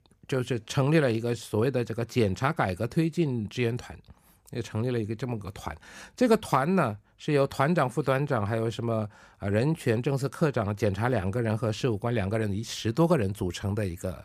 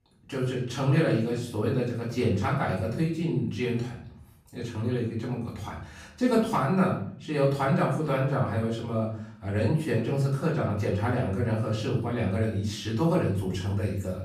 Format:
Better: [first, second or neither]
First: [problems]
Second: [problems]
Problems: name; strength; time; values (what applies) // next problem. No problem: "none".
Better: first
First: none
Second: off-mic speech; far // room echo; noticeable; dies away in 0.5 s